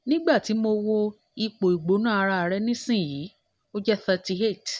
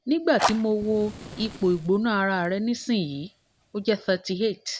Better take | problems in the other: first | background sound (Fire); 10 dB below the speech

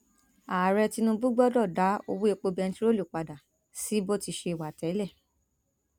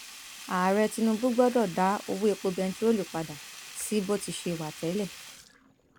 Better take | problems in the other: first | background sound (Sink (filling or washing)); 16 dB below the speech

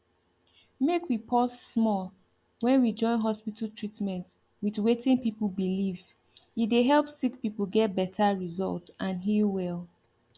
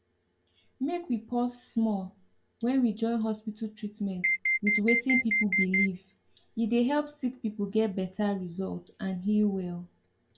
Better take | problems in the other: first | background sound (Alarm); 3 dB above the speech // room echo; dies away in 0.2 s

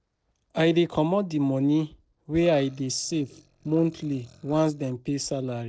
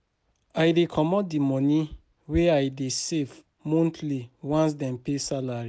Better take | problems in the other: second | noise reduction (neural separator model SepFormer DNS4)

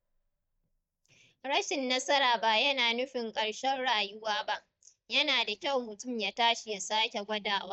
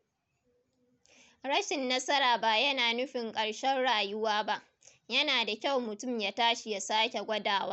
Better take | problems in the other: second | noise reduction (neural mask model DeepFilterNet 3)

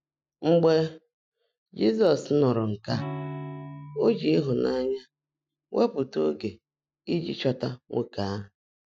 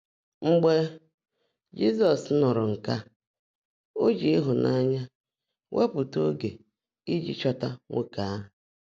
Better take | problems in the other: second | noise reduction (classical method Wiener filter)

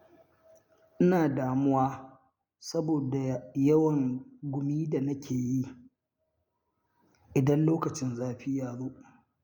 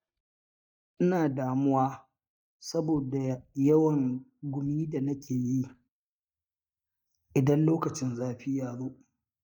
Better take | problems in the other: first | noise reduction (neural mask model DeepFilterNet 3)

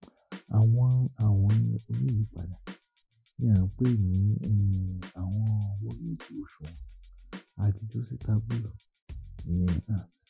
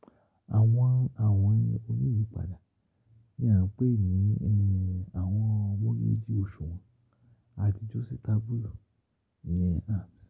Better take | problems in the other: second | noise reduction (classical method Wiener filter)

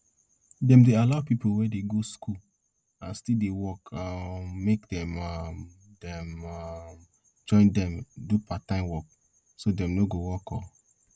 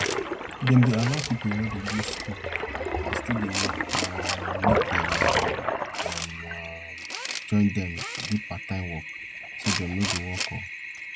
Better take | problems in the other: first | background sound (Tools + Toilet flush); as loud as the speech

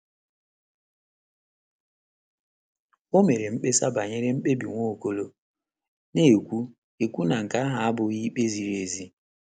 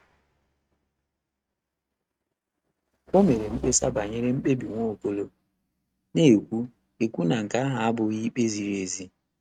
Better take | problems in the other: first | noise reduction (neural mask model RNNoise)

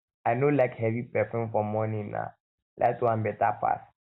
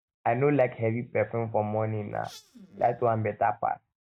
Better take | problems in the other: first | noise reduction (neural mask model RNNoise)

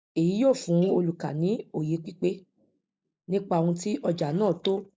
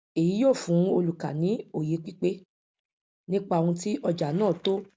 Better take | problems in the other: second | noise reduction (neural mask model Resemble Enhance denoiser)

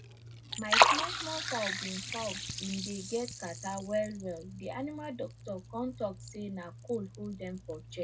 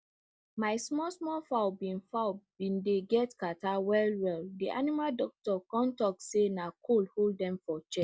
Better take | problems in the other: second | background sound (Liquid); 3 dB above the speech // room echo; dies away in 0.3 s

